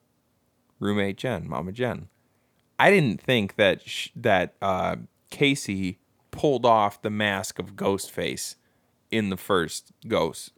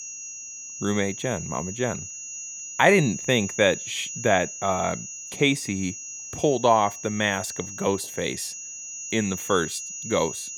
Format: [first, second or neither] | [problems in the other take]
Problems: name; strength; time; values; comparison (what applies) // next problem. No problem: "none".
first | high-pitched whine; loud; throughout; 6.5 kHz, 9 dB below the speech